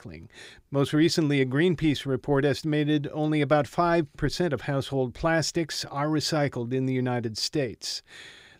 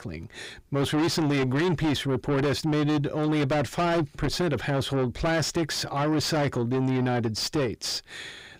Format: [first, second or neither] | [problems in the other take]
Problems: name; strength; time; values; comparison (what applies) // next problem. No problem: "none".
first | distortion; heavy; 7 dB below the speech